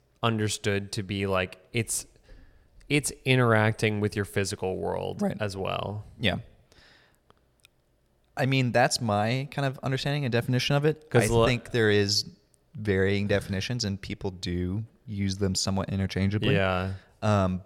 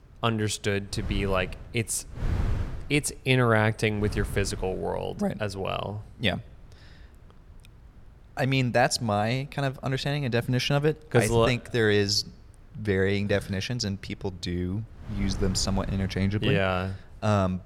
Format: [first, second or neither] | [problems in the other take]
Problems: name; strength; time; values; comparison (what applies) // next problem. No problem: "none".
first | wind noise on the microphone; occasional gusts; 20 dB below the speech